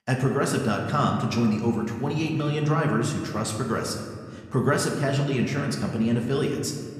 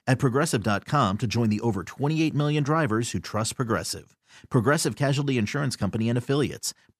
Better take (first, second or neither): second